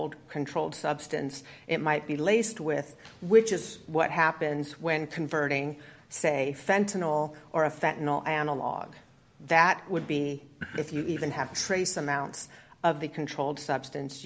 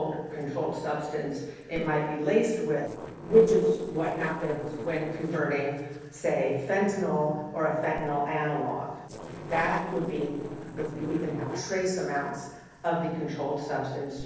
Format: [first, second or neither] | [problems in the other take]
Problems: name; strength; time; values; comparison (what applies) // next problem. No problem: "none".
first | noise reduction (neural separator model SepFormer DNS4)